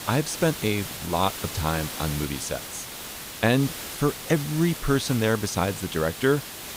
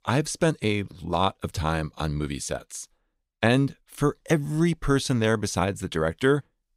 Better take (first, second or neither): second